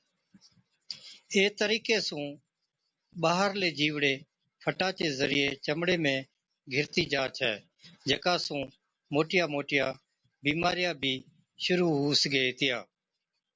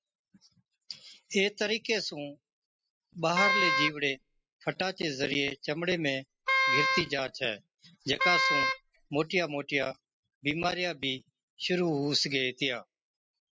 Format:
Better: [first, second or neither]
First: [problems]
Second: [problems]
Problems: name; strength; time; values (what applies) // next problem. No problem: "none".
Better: first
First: none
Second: noise reduction (classical method spectral subtraction)